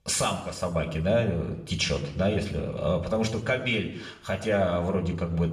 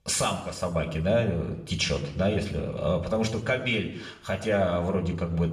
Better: neither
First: room echo; slight; dies away in 0.7 s // off-mic speech; somewhat distant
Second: room echo; slight; dies away in 0.7 s // off-mic speech; somewhat distant

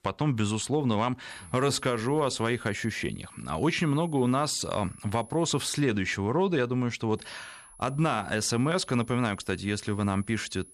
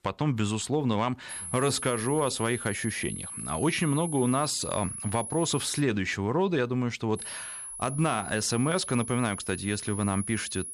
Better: first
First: high-pitched whine; faint; from 1.5 to 6 s and from 7 s on; 10.5 kHz, 20 dB below the speech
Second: high-pitched whine; loud; from 1.5 to 6 s and from 7 s on; 10.5 kHz, 8 dB below the speech

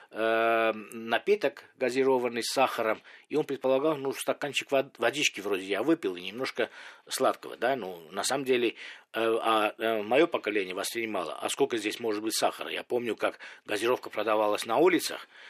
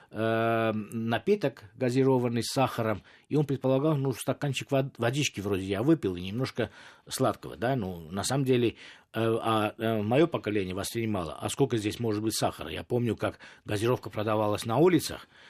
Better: second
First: thin; somewhat; fading below 450 Hz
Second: none

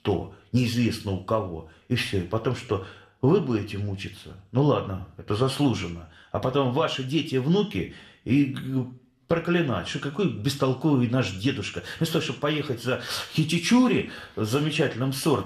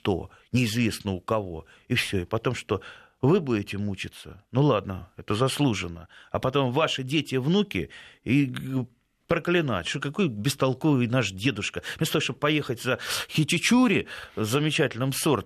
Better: second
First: room echo; very slight; dies away in 0.4 s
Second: none

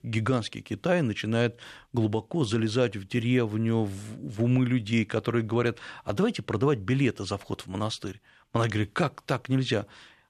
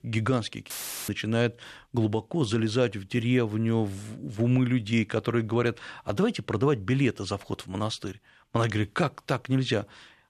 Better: first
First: none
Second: audio cutting out; filled with static; at 0.5 s

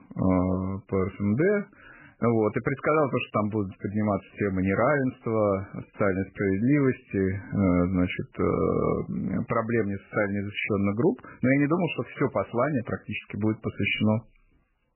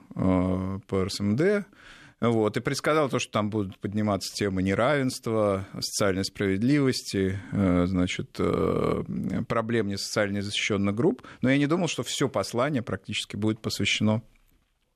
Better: second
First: garbled, watery; badly; nothing above 3 kHz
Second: none

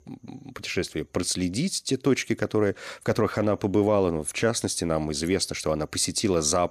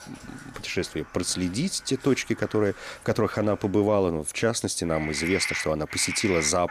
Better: first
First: none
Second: animal sounds; loud; throughout; 8 dB below the speech

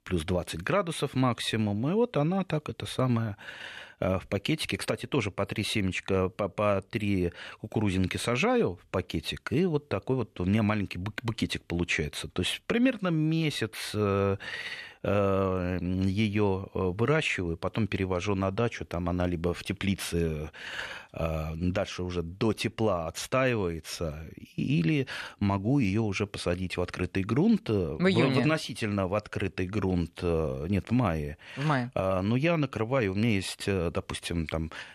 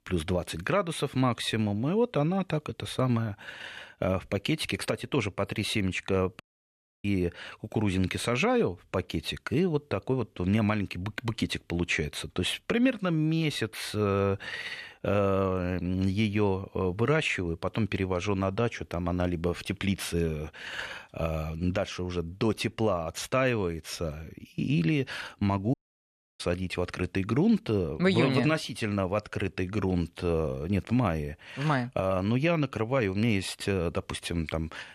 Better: first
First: none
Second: audio cutting out; at 6.5 s for 0.5 s and at 26 s for 0.5 s

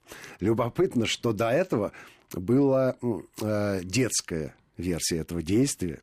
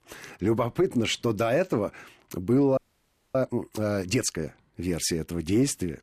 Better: first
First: none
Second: audio freezing; at 3 s for 0.5 s

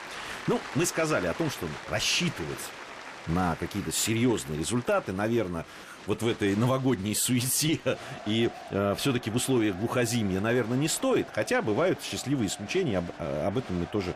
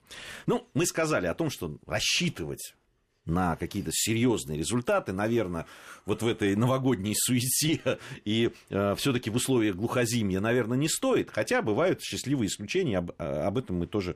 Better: second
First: crowd noise; noticeable; throughout; 15 dB below the speech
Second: none

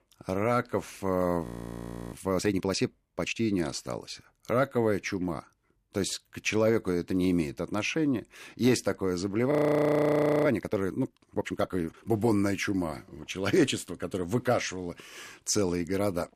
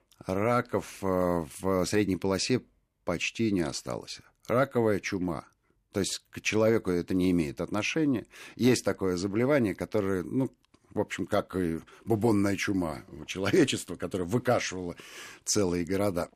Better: second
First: audio freezing; at 1.5 s for 0.5 s and at 9.5 s for 1 s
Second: none

